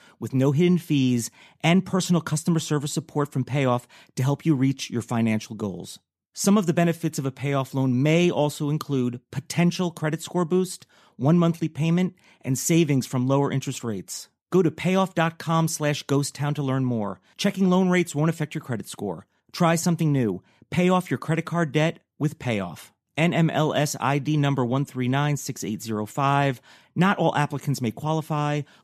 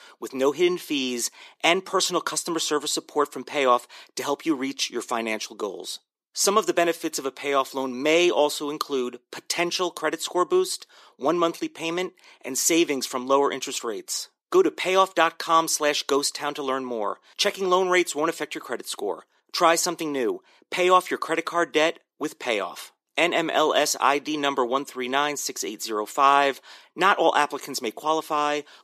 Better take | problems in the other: first | thin; very; fading below 350 Hz

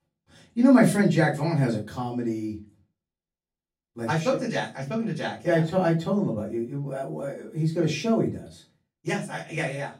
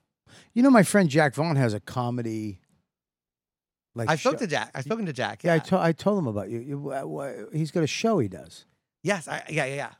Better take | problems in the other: second | off-mic speech; far // room echo; slight; dies away in 0.3 s

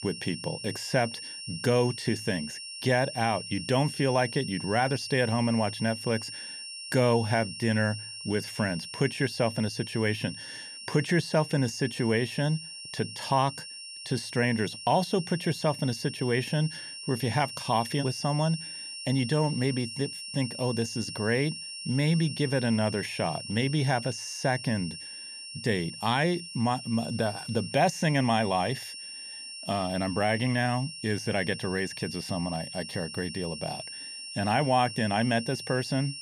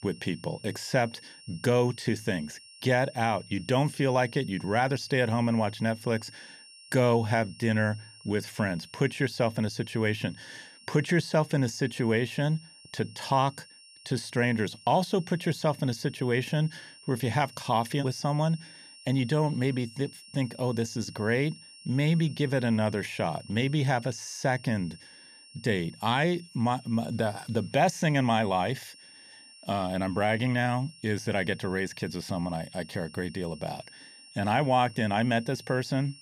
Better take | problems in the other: second | high-pitched whine; loud; throughout; 5.5 kHz, 9 dB below the speech; faint in the second

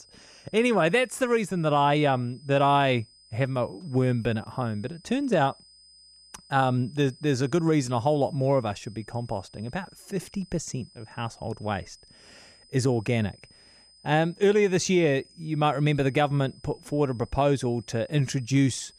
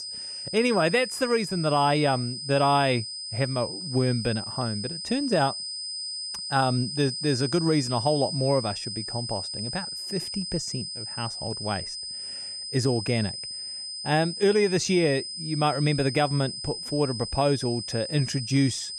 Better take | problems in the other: first | high-pitched whine; loud; throughout; 5 kHz, 6 dB below the speech; faint in the first

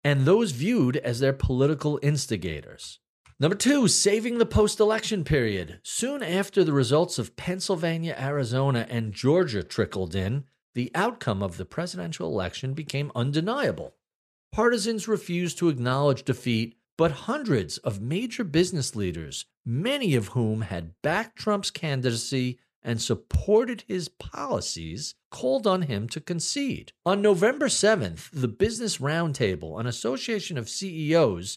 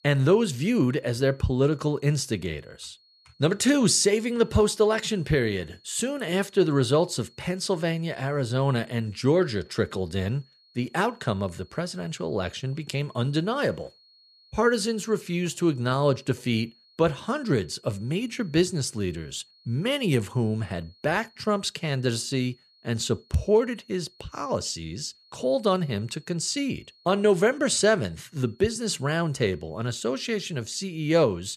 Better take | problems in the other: first | high-pitched whine; faint; throughout; 4.5 kHz, 30 dB below the speech

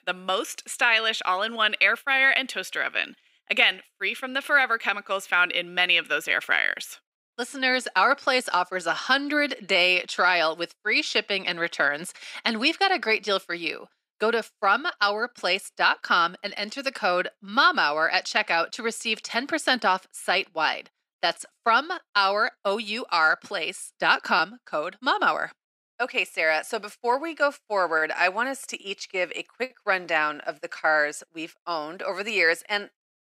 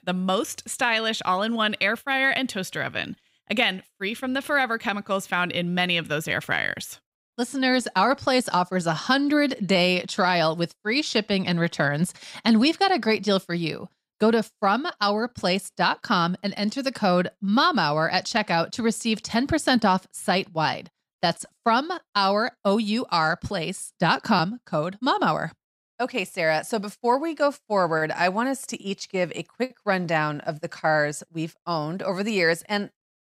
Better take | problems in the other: second | thin; somewhat; fading below 350 Hz

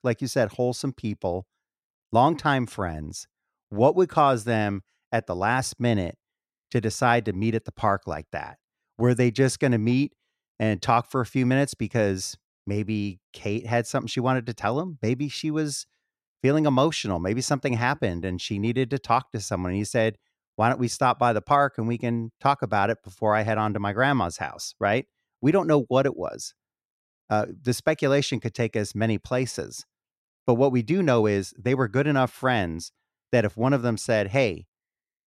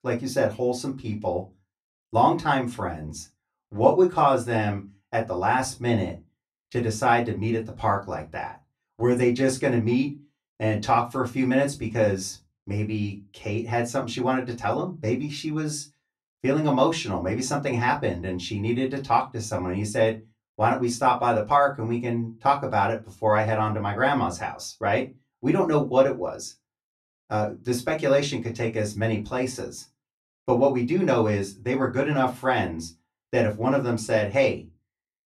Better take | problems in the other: first | off-mic speech; far // room echo; very slight; dies away in 0.2 s

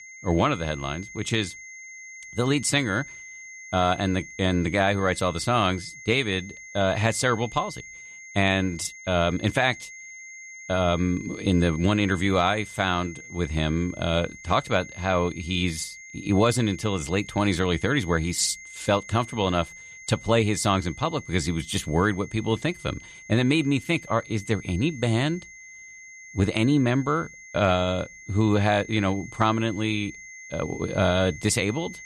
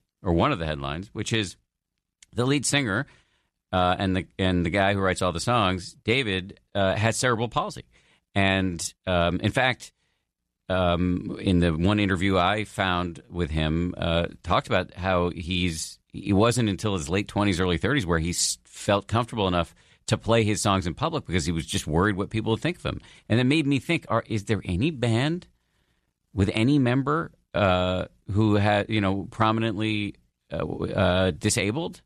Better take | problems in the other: second | high-pitched whine; noticeable; throughout; 2 kHz, 15 dB below the speech

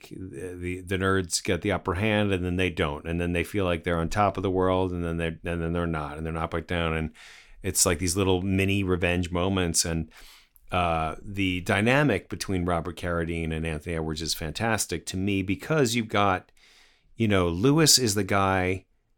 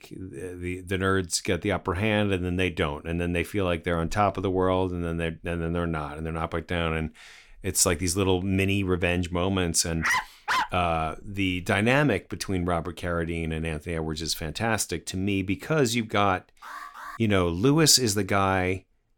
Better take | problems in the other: first | dog barking; loud; at 10 s; peak level with the speech // alarm; faint; at 17 s; peak 15 dB below the speech

